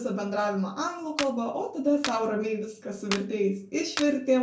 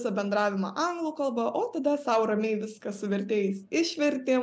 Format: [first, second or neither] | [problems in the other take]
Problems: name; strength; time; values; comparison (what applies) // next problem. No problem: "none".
second | background sound (Clapping); 12 dB below the speech // room echo; dies away in 0.3 s